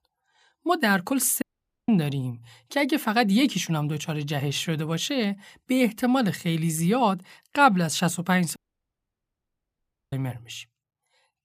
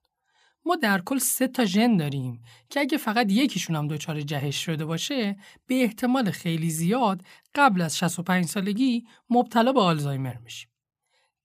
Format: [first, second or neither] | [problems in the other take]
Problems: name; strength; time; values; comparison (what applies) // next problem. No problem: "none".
second | audio cutting out; at 1.5 s and at 8.5 s for 1.5 s